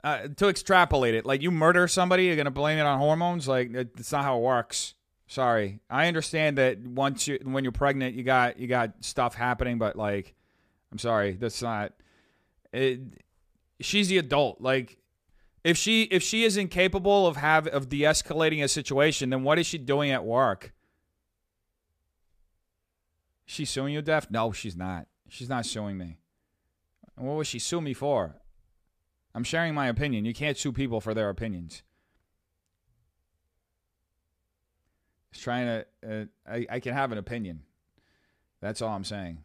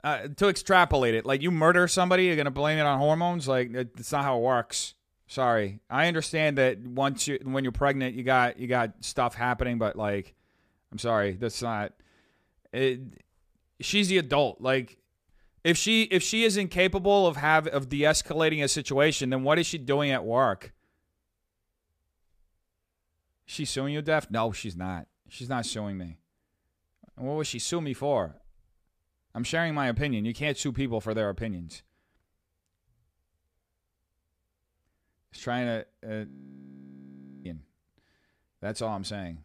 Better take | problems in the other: first | audio freezing; at 36 s for 1 s

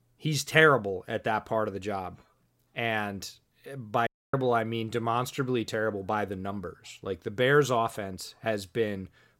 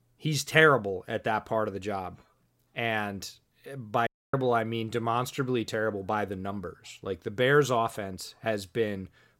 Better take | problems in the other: neither | audio cutting out; at 4 s; the same in both

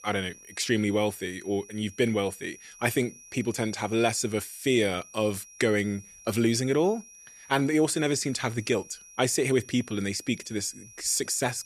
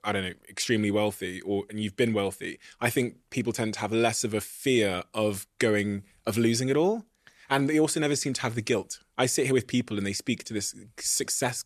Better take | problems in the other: second | high-pitched whine; faint; throughout; 5.5 kHz, 20 dB below the speech

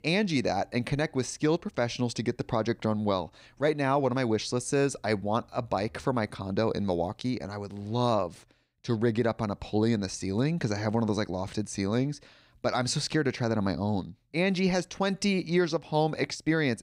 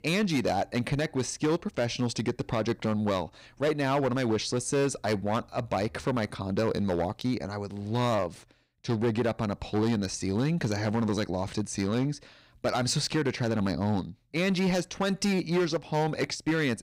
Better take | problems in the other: first | distortion; slight; 8% of the sound clipped

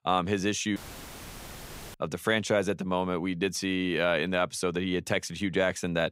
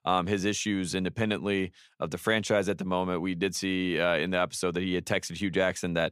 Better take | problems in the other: second | audio cutting out; filled with static; at 1 s for 1 s

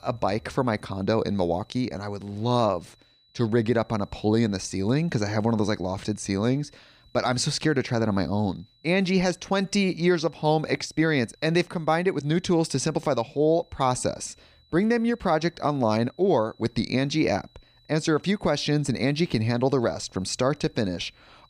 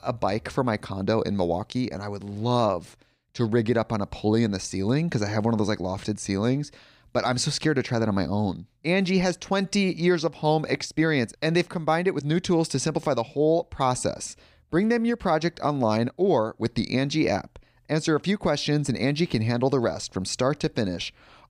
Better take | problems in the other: second | high-pitched whine; faint; throughout; 4 kHz, 35 dB below the speech

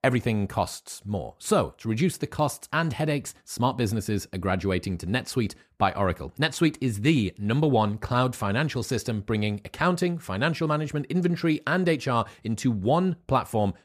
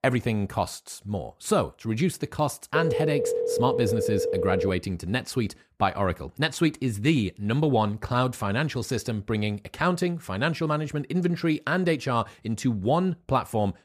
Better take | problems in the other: first | phone ringing; loud; from 3 to 4.5 s; peak 1 dB above the speech

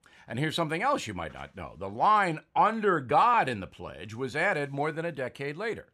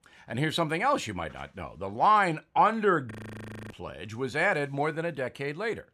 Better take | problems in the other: first | audio freezing; at 3 s for 0.5 s

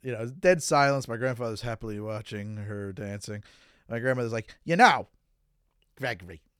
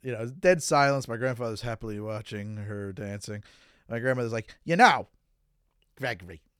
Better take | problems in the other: neither | none

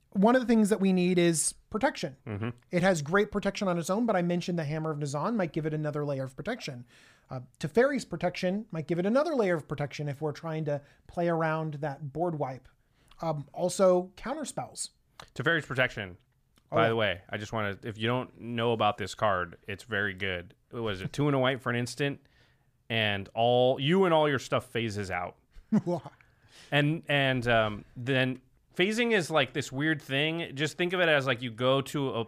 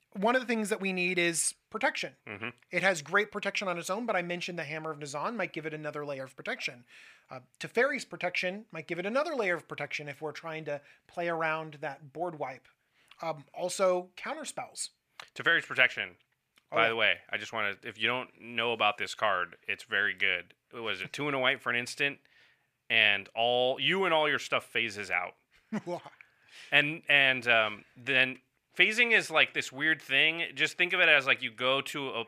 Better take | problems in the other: first | thin; somewhat; fading below 1 kHz

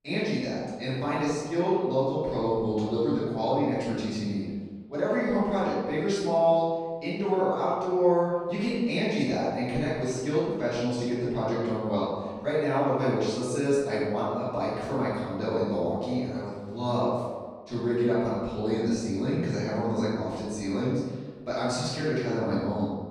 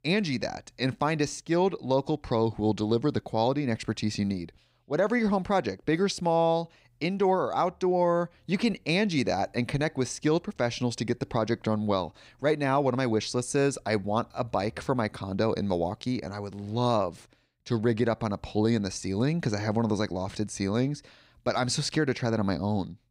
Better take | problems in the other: second | room echo; strong; dies away in 1.3 s // off-mic speech; far

